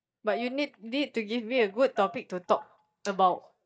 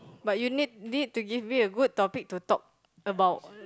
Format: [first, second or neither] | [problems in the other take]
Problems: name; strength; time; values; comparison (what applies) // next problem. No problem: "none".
second | noise reduction (neural mask model DeepFilterNet 3)